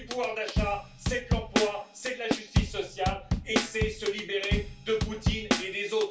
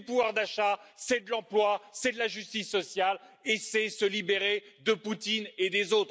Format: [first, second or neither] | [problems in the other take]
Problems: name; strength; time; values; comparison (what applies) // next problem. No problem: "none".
second | background sound (Drum kit); 1 dB above the speech // room echo; dies away in 0.3 s